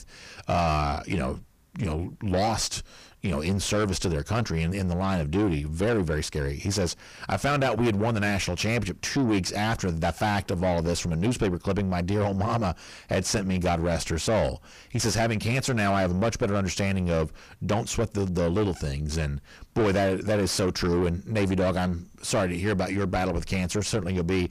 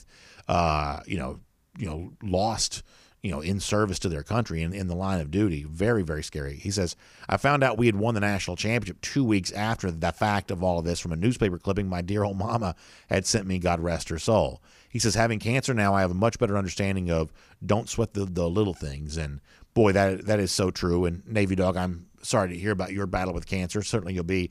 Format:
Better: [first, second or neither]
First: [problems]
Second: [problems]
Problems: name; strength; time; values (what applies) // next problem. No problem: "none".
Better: second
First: distortion; heavy; 7 dB below the speech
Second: none